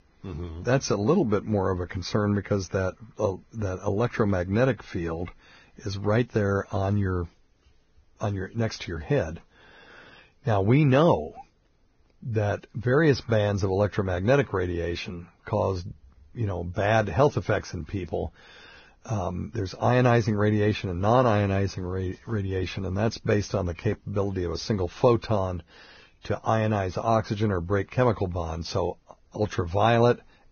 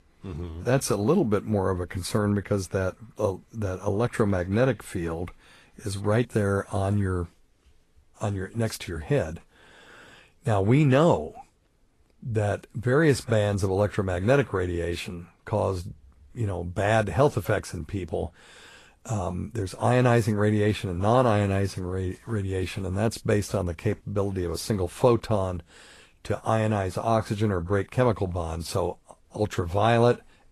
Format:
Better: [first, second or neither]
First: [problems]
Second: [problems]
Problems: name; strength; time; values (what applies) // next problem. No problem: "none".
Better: second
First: garbled, watery; badly; nothing above 6.5 kHz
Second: garbled, watery; slightly; nothing above 12.5 kHz